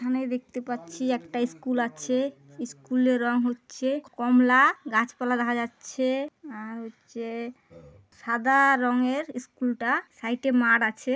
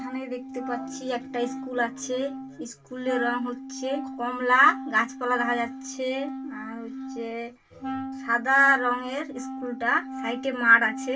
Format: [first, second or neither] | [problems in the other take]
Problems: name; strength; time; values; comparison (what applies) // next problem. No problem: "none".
first | background sound (Wind instrument, woodwind instrument); 9 dB below the speech // room echo; dies away in 0.2 s